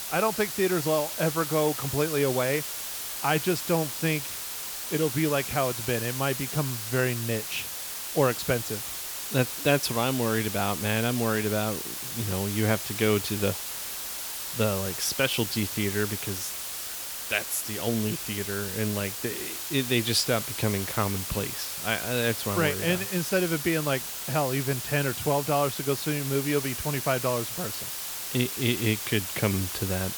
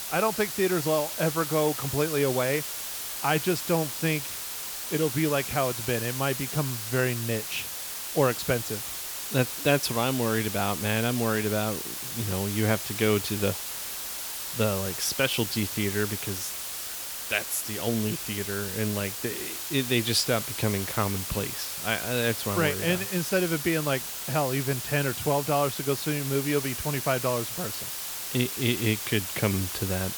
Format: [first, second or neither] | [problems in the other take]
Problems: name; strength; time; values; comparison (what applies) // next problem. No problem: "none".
neither | hiss; loud; throughout; 4 dB below the speech; the same in both